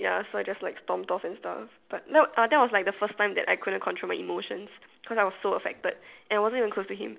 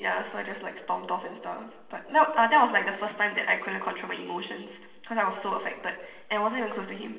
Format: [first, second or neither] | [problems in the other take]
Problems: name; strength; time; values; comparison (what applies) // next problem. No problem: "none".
first | room echo; dies away in 0.9 s